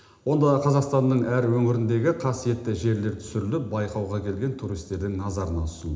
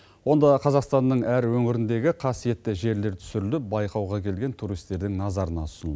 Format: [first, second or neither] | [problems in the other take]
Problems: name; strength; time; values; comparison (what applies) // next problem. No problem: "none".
second | room echo; dies away in 0.8 s